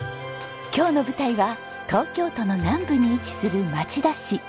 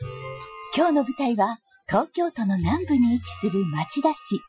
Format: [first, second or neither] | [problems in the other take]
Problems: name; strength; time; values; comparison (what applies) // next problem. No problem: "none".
first | noise reduction (classical method Wiener filter)